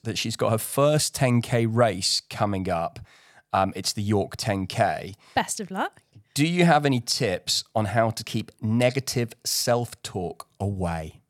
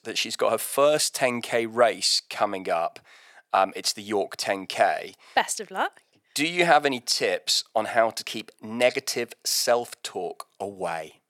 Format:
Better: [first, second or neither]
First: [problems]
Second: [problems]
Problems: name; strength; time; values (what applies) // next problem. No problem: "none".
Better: first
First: none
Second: thin; somewhat; fading below 450 Hz